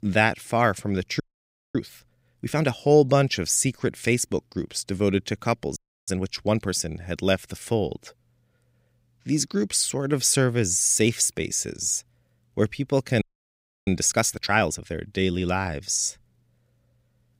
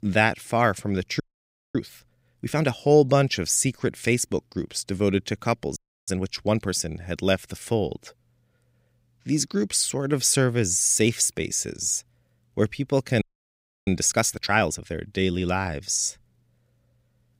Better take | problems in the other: neither | audio freezing; at 1 s for 0.5 s, at 6 s and at 13 s for 0.5 s; the same in both

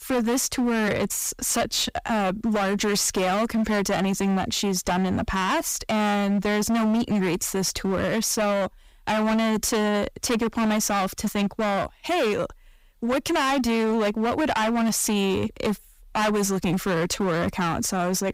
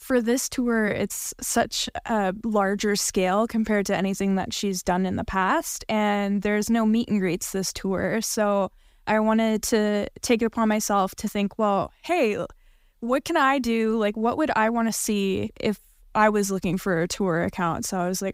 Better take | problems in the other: second | distortion; heavy; 24% of the sound clipped

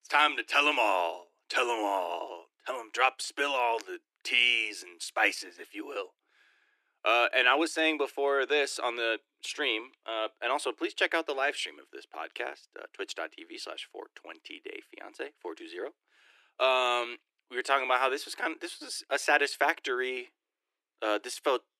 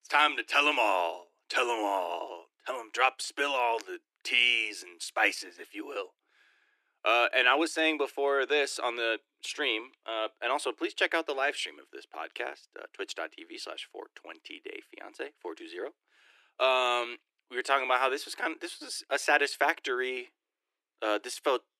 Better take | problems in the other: neither | thin; very; fading below 300 Hz; the same in both

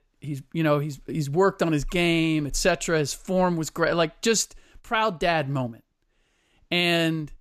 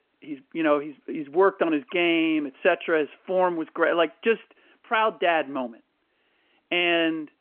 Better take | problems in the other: first | phone-call audio; nothing above 3 kHz

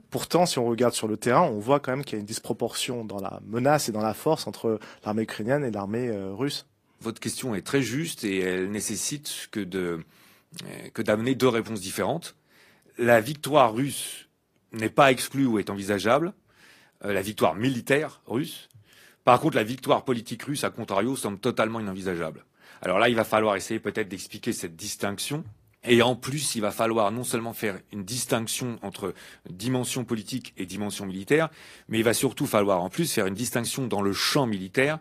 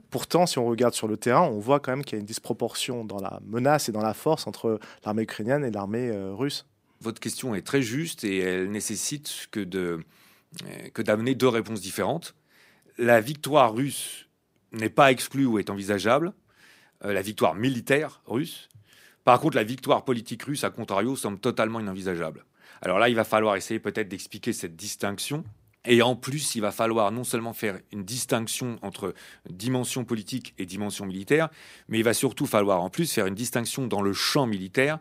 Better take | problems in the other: second | garbled, watery; slightly; nothing above 15.5 kHz

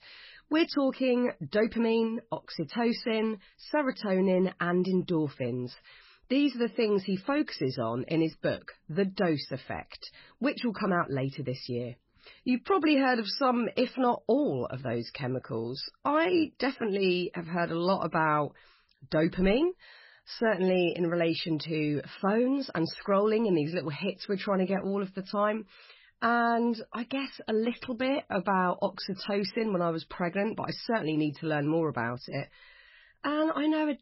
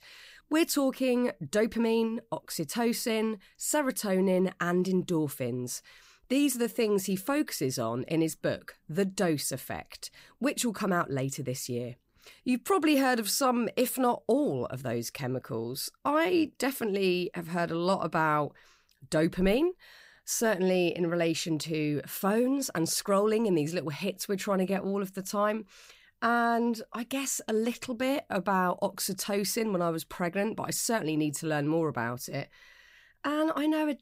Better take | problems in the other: second | garbled, watery; badly; nothing above 5.5 kHz

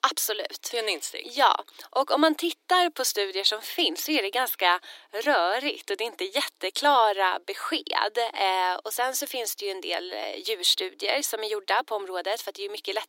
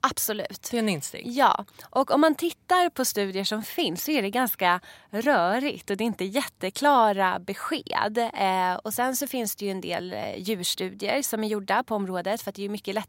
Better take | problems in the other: second | thin; somewhat; fading below 300 Hz

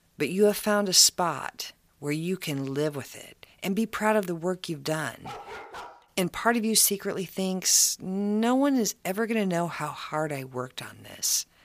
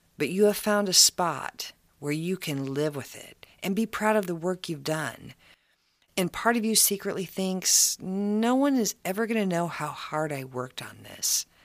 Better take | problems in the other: second | dog barking; faint; at 5 s; peak 15 dB below the speech

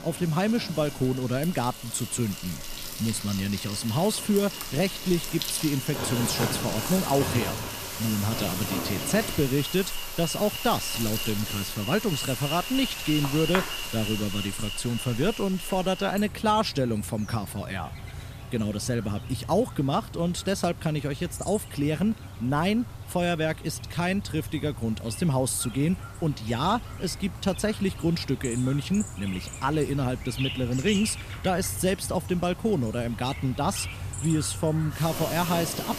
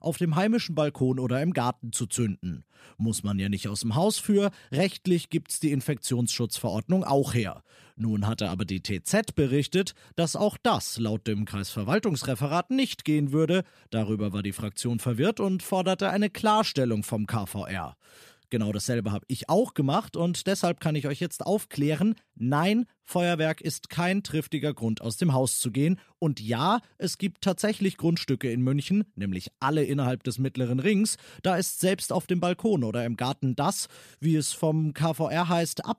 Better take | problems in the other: second | animal sounds; loud; throughout; 7 dB below the speech

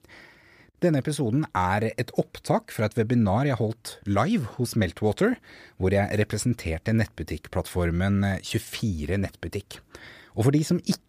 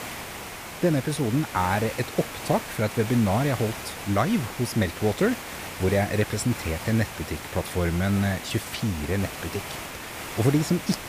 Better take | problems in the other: first | hiss; loud; throughout; 9 dB below the speech

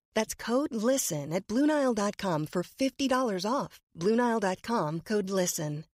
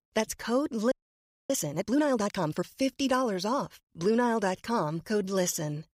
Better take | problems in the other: first | audio freezing; at 1 s for 0.5 s

